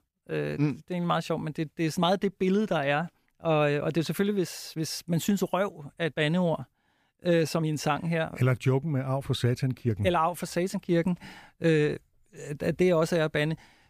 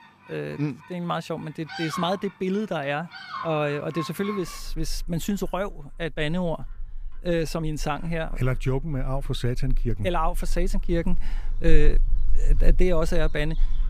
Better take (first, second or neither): first